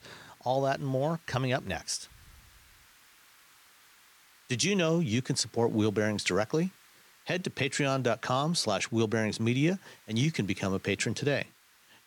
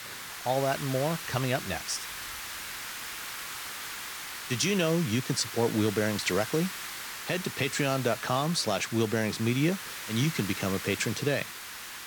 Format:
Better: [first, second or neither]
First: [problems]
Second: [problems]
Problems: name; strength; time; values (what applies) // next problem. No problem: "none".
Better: first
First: hiss; faint; throughout; 30 dB below the speech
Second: hiss; loud; throughout; 8 dB below the speech